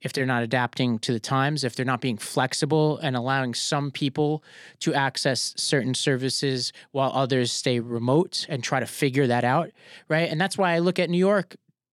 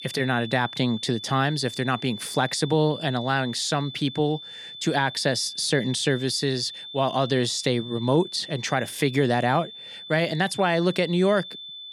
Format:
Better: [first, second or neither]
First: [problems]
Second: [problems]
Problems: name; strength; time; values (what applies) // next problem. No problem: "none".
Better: first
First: none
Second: high-pitched whine; noticeable; throughout; 3.5 kHz, 15 dB below the speech